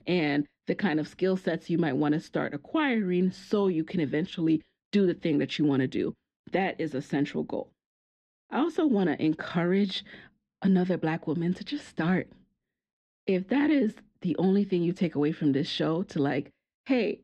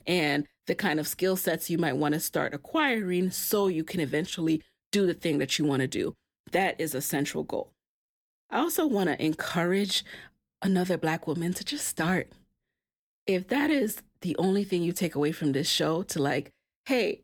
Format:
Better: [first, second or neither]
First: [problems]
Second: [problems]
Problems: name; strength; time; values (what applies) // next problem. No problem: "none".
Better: second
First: muffled; slightly; fading above 4 kHz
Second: none